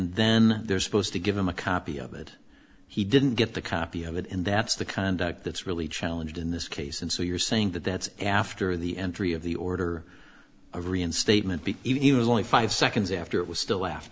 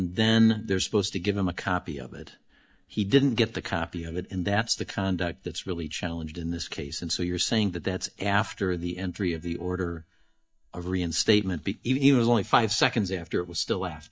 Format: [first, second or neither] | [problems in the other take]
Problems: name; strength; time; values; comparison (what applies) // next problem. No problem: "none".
first | noise reduction (neural mask model DeepFilterNet 3)